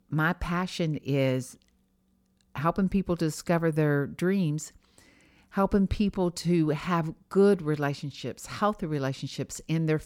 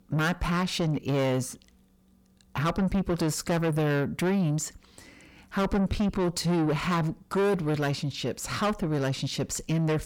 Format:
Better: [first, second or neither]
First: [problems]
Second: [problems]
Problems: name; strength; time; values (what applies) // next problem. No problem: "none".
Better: first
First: none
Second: distortion; heavy; 7 dB below the speech